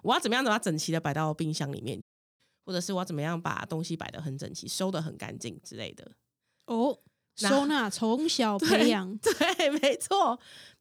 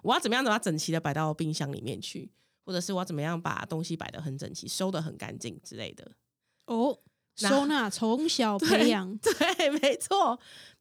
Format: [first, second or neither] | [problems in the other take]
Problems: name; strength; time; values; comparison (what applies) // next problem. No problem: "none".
second | audio cutting out; at 2 s